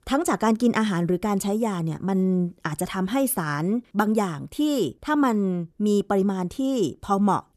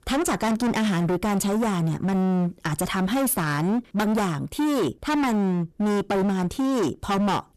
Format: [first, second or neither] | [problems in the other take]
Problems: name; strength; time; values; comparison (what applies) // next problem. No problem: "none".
first | distortion; heavy; 34% of the sound clipped